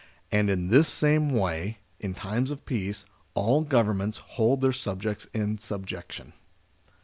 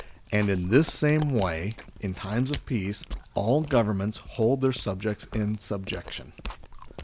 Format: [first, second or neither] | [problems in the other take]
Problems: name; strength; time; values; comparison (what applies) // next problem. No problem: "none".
first | background sound (Walk, footsteps + Chewing, mastication); 15 dB below the speech